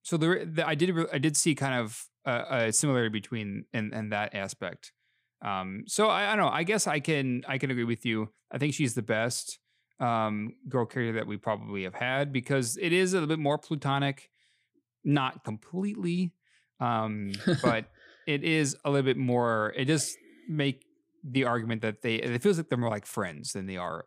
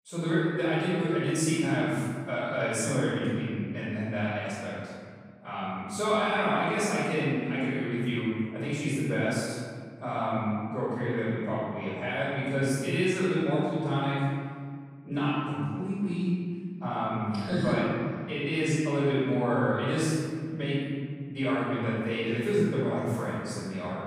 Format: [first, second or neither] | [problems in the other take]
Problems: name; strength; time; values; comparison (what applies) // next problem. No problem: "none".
first | off-mic speech; far // room echo; strong; dies away in 2 s